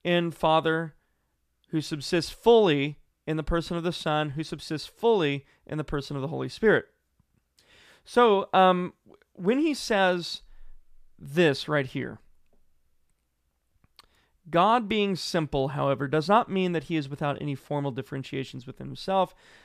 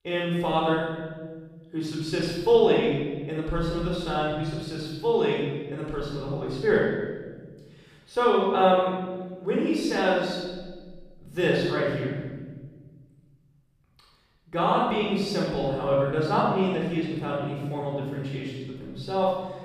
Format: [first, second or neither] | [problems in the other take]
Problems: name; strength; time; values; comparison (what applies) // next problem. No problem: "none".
first | off-mic speech; far // room echo; strong; dies away in 1.6 s